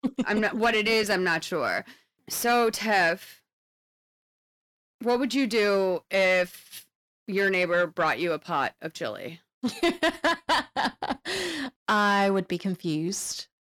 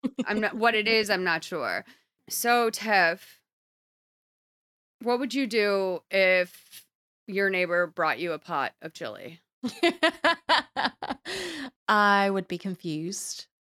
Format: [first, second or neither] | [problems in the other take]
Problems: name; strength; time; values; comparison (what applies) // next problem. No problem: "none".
second | distortion; slight; 10 dB below the speech